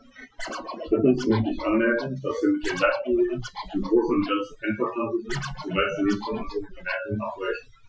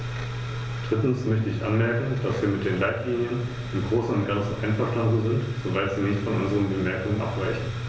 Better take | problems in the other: second | noise reduction (classical method Wiener filter)

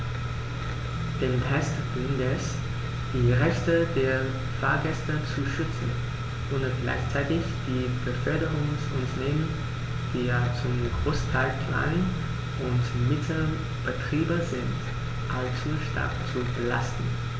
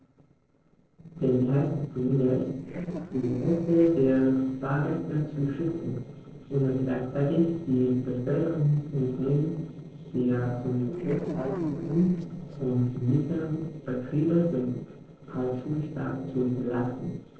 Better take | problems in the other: first | noise reduction (neural separator model SepFormer DNS4)

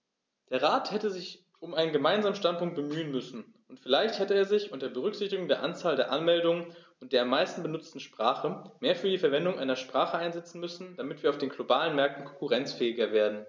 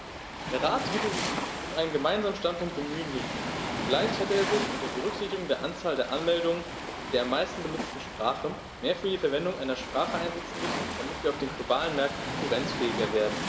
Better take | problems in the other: first | background sound (Waves, surf); 4 dB below the speech

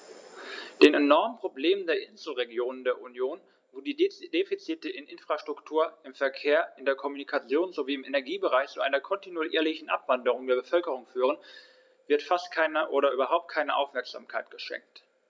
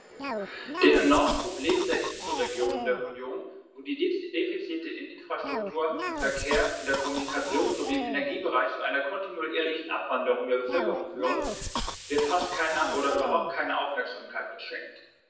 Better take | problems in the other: first | background sound (Cough); 8 dB below the speech // room echo; dies away in 0.9 s

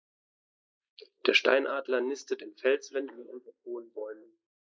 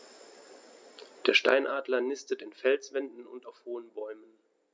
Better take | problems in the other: second | noise reduction (neural mask model Resemble Enhance denoiser)

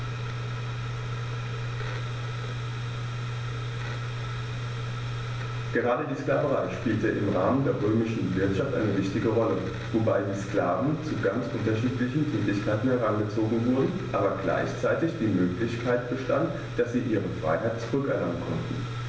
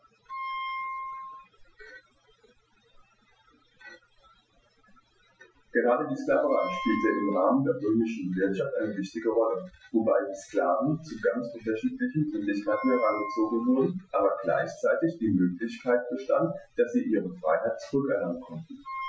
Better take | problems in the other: first | noise reduction (classical method Wiener filter)

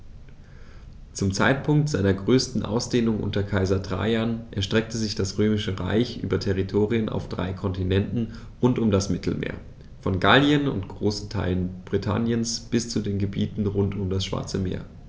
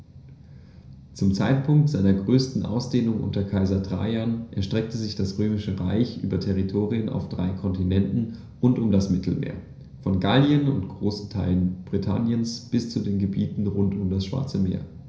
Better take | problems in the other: first | room echo; dies away in 0.5 s

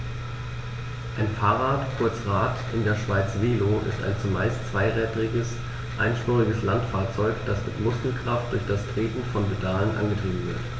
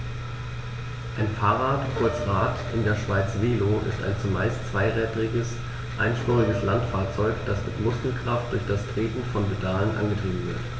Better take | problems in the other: first | background sound (Piano); 12 dB below the speech

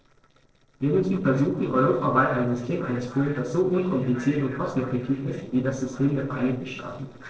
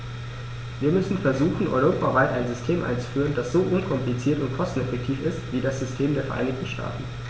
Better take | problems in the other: second | noise reduction (neural separator model SepFormer DNS4)

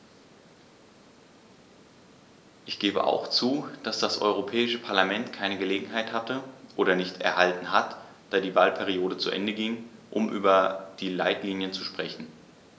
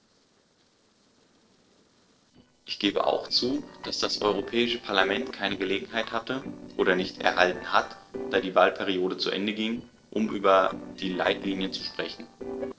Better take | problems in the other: first | noise reduction (neural separator model SepFormer DNS4)

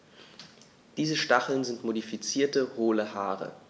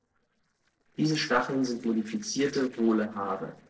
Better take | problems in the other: first | noise reduction (neural separator model SepFormer DNS4)

